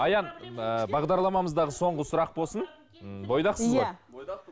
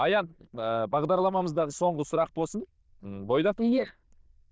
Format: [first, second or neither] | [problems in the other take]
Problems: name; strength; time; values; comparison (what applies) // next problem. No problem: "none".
first | noise reduction (neural diffusion model UNIVERSE++)